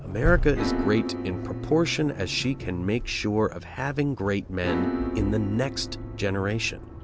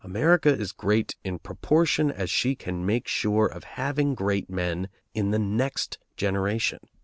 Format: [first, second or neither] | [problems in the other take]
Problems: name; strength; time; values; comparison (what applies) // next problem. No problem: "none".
second | background sound (Piano + Accelerating, revving, vroom); 4 dB below the speech